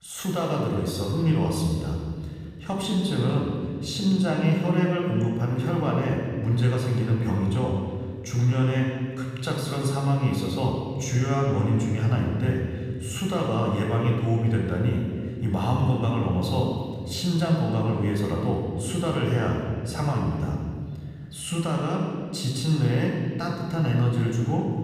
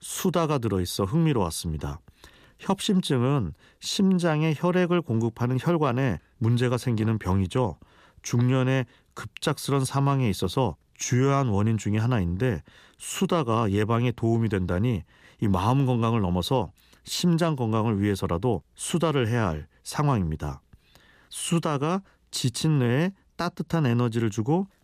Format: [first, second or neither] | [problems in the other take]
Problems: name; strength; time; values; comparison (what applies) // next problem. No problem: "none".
second | off-mic speech; somewhat distant // room echo; noticeable; dies away in 1.9 s